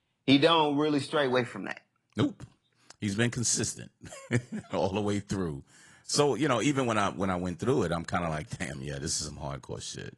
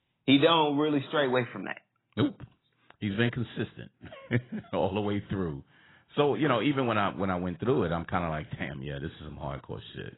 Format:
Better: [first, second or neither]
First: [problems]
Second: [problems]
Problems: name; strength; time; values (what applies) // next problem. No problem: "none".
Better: first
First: garbled, watery; slightly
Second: garbled, watery; badly; nothing above 4 kHz